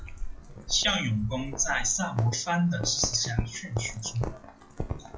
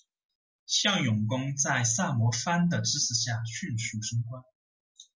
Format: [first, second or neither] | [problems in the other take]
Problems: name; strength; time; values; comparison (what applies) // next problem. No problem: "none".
second | noise reduction (classical method log-MMSE)